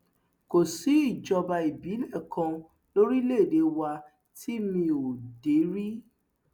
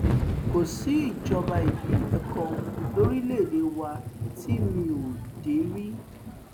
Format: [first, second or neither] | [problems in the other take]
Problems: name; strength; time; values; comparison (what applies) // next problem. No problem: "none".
first | background sound (Thunder / Rain); as loud as the speech